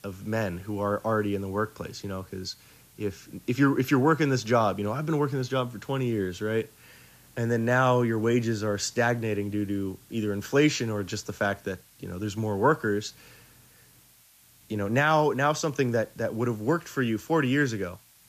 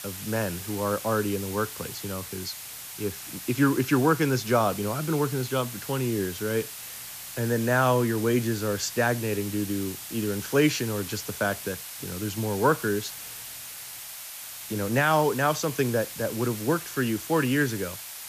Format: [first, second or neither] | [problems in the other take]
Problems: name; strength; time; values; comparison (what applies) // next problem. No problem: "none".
first | hiss; loud; throughout; 10 dB below the speech; faint in the first